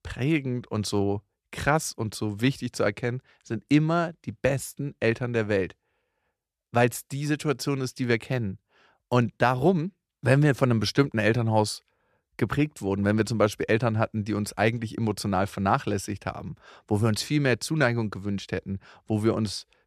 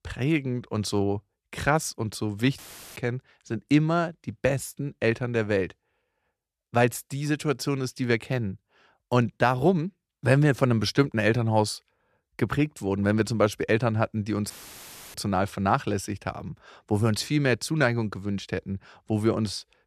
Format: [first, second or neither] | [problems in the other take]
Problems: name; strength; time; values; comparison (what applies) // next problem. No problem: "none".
first | audio cutting out; filled with static; at 2.5 s and at 15 s for 0.5 s